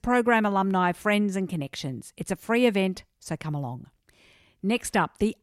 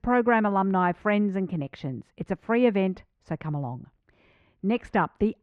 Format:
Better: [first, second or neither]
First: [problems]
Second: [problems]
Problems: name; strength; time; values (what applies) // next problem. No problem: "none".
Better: first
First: none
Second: muffled; very; fading above 2 kHz